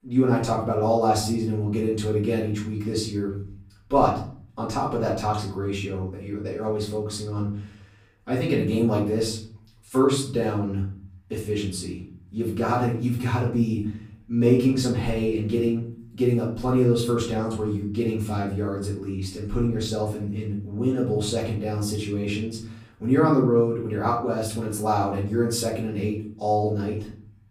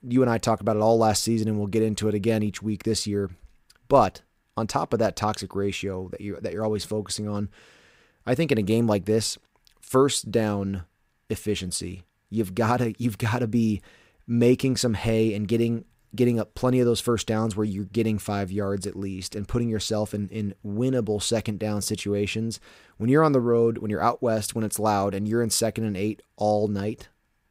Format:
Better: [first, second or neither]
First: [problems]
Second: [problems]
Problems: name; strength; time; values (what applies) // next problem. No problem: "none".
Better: second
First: off-mic speech; far // room echo; noticeable; dies away in 0.6 s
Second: none